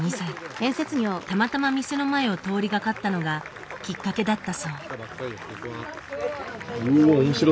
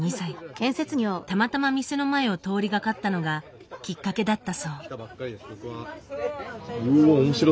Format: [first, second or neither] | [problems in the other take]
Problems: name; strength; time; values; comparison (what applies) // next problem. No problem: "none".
second | background sound (Applause); 15 dB below the speech